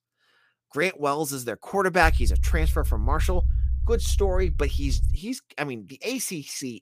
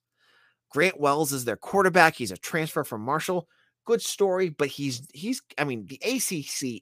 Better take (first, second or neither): second